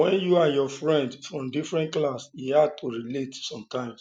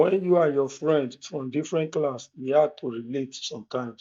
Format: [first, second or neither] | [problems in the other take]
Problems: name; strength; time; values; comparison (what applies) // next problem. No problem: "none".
first | noise reduction (neural mask model DeepFilterNet 3)